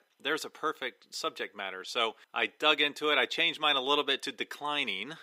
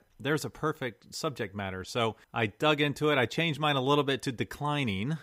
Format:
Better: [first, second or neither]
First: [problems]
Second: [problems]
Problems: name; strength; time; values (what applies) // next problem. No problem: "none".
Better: second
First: thin; somewhat; fading below 300 Hz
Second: none